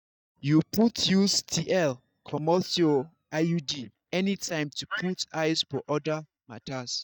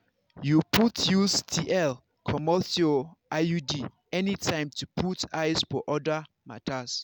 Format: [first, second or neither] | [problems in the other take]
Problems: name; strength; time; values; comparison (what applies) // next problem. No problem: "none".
second | noise reduction (neural mask model DeepFilterNet 3)